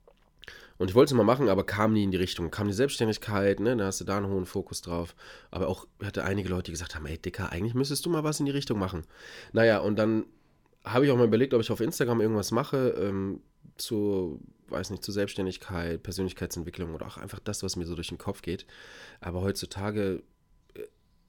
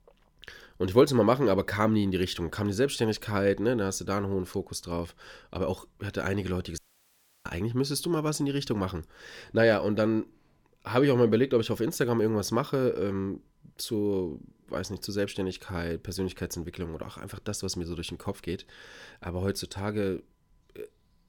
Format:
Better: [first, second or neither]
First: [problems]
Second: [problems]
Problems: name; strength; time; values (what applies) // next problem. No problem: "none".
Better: first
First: none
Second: audio cutting out; at 7 s for 0.5 s